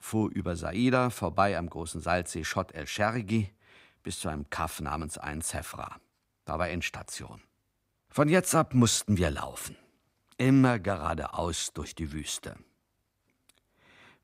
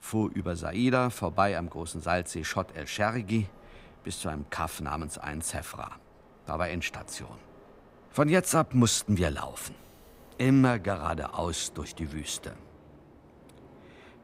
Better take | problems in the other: first | train or aircraft noise; faint; throughout; 25 dB below the speech

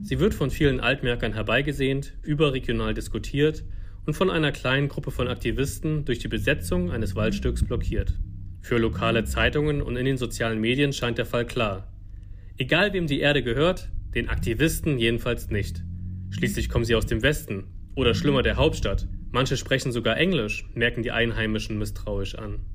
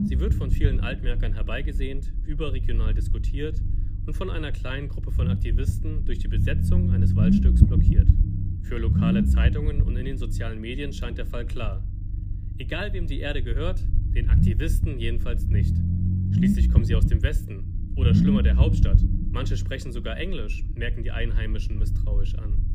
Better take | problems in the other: first | low rumble; loud; throughout; as loud as the speech; faint in the first

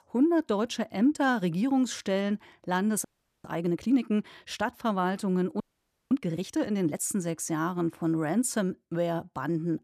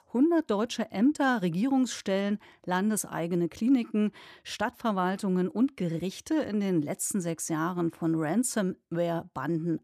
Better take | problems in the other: second | audio freezing; at 3 s and at 5.5 s for 0.5 s

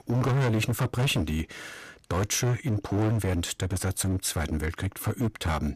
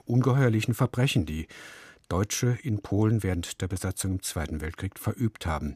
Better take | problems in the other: second | distortion; heavy; 18% of the sound clipped

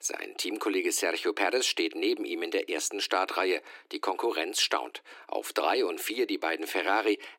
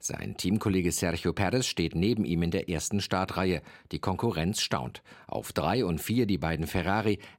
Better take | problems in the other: second | thin; very; fading below 300 Hz

